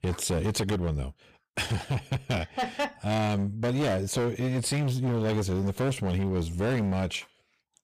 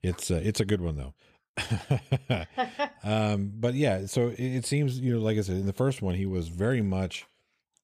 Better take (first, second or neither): second